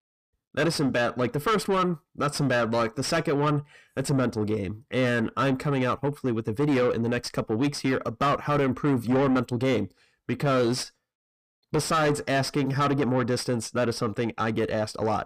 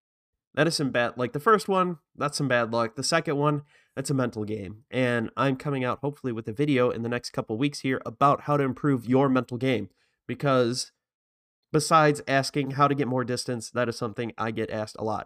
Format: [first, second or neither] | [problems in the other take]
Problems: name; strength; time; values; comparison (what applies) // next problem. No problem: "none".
second | distortion; heavy; 6 dB below the speech